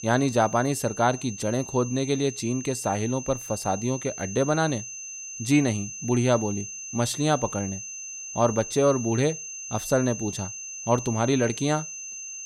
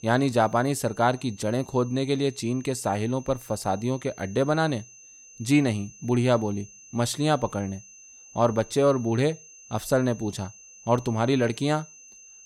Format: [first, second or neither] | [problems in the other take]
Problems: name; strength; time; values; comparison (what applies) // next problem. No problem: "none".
second | high-pitched whine; loud; throughout; 6.5 kHz, 9 dB below the speech; faint in the second